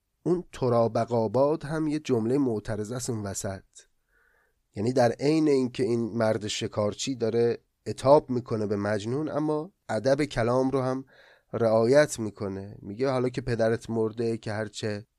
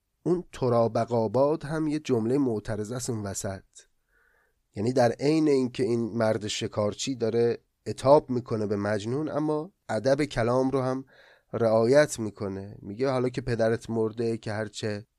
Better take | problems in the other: neither | none

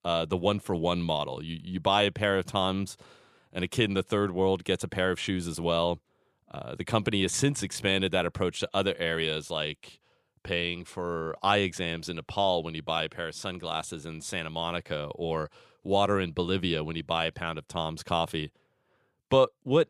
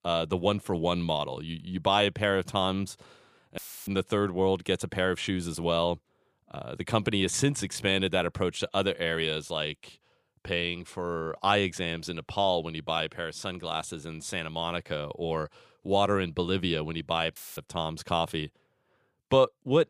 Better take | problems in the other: first | audio cutting out; filled with static; at 3.5 s and at 17 s

